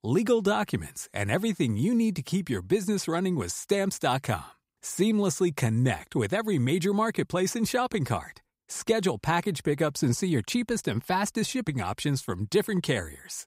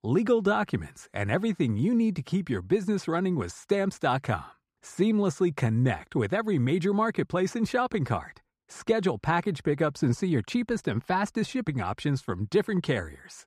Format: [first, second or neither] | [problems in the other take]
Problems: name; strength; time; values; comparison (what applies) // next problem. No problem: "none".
first | muffled; slightly; fading above 2.5 kHz